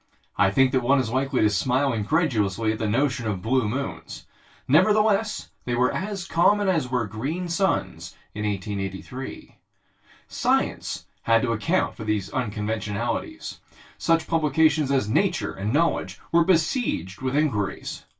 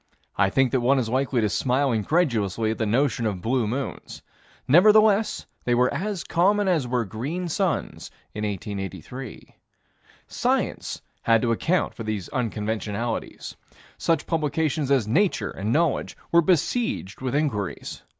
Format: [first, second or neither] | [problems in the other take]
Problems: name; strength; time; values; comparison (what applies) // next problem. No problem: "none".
second | room echo; dies away in 0.2 s